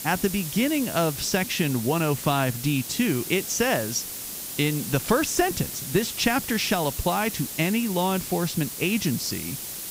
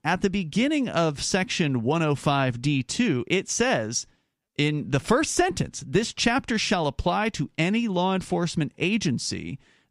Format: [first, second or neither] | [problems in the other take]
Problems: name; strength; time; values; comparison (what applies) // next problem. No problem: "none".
second | hiss; loud; throughout; 7 dB below the speech